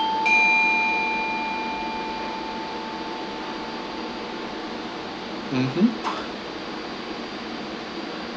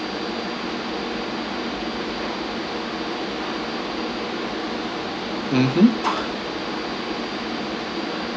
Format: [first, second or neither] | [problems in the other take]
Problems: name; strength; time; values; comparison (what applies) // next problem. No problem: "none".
second | background sound (Bell / Doorbell); 1 dB above the speech